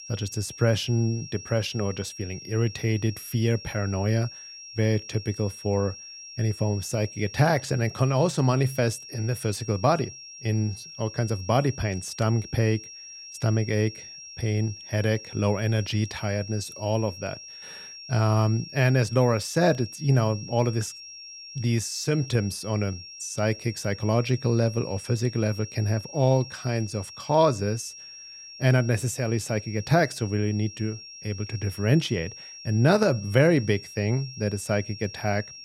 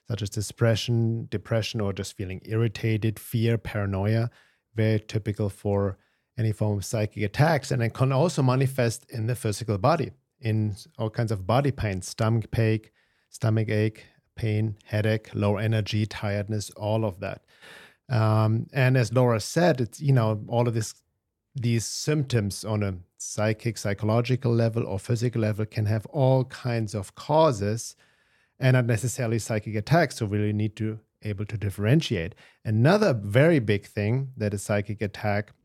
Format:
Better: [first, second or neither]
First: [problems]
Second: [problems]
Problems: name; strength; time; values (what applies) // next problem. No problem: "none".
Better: second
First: high-pitched whine; noticeable; throughout; 5.5 kHz, 15 dB below the speech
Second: none